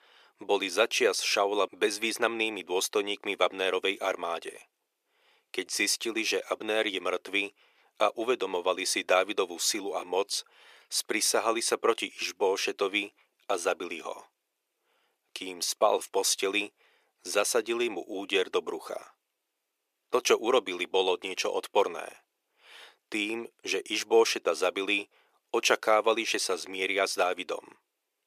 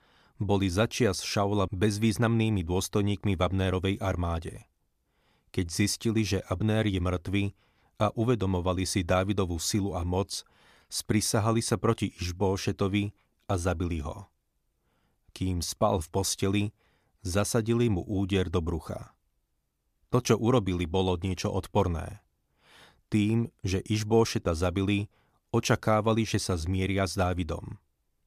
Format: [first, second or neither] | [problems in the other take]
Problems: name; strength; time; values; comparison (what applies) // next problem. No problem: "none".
second | thin; very; fading below 400 Hz